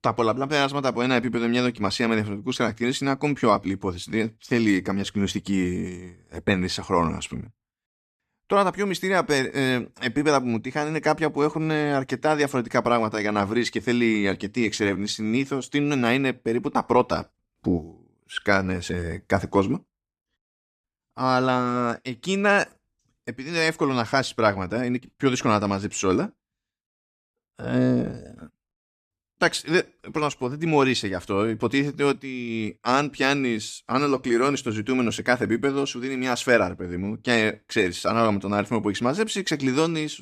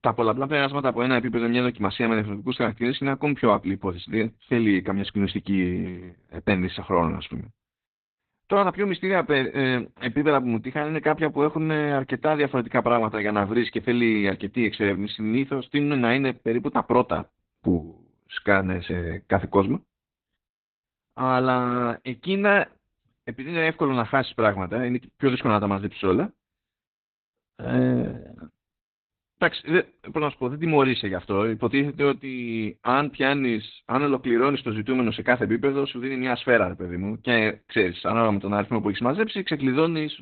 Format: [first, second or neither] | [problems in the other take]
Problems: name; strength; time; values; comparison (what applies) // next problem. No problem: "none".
first | garbled, watery; badly; nothing above 4 kHz